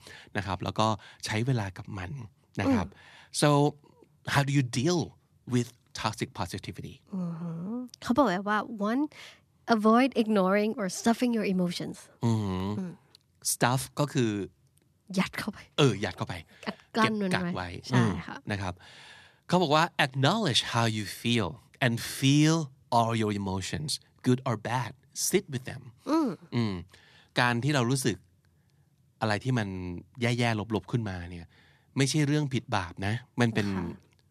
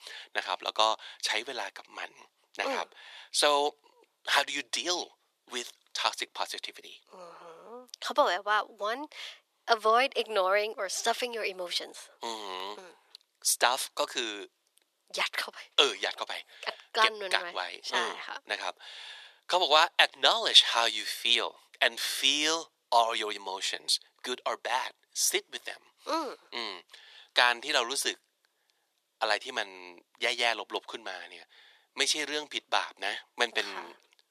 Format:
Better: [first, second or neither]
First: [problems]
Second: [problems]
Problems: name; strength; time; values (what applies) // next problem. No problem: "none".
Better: first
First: none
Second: thin; very; fading below 450 Hz